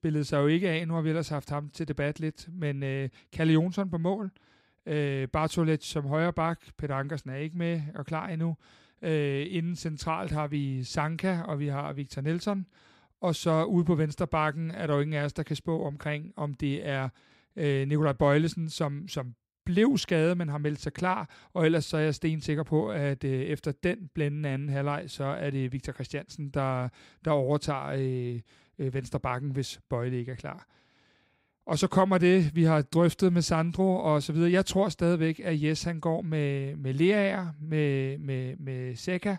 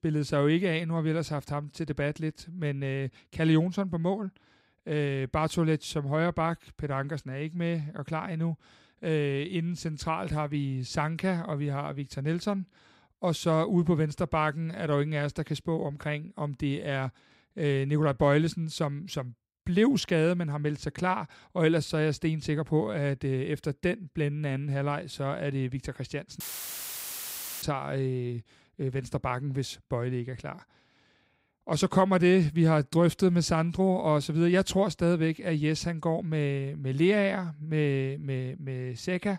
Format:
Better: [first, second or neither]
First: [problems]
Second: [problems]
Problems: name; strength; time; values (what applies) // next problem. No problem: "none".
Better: first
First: none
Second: audio cutting out; filled with static; at 26 s for 1 s